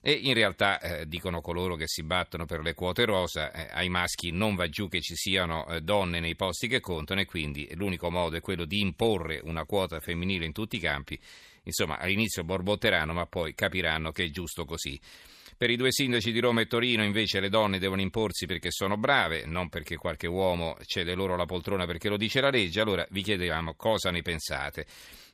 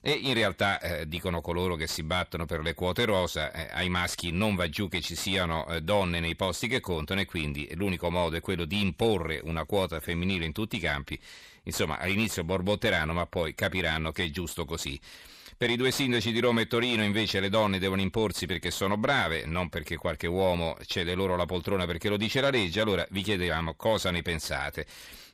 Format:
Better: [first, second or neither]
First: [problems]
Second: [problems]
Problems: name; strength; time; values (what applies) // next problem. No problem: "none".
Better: first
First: none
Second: distortion; slight; 10 dB below the speech